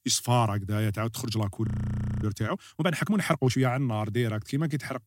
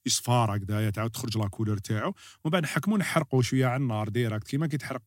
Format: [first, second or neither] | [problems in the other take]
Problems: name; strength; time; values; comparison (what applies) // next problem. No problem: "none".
second | audio freezing; at 1.5 s for 0.5 s